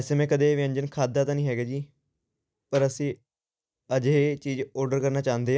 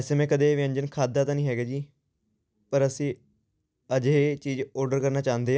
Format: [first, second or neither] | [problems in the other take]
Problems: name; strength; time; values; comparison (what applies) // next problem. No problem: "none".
second | noise reduction (neural mask model Resemble Enhance denoiser)